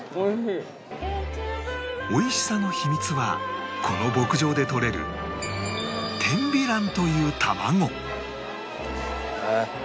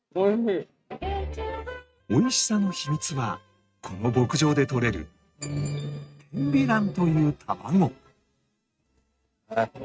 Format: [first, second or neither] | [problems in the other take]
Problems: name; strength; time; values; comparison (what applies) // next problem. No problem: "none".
first | noise reduction (neural mask model RNNoise)